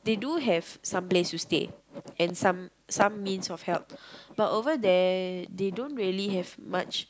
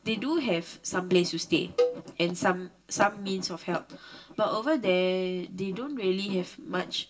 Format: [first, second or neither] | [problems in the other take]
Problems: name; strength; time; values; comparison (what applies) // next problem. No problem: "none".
first | background sound (Cowbell); 4 dB below the speech // room echo; dies away in 0.2 s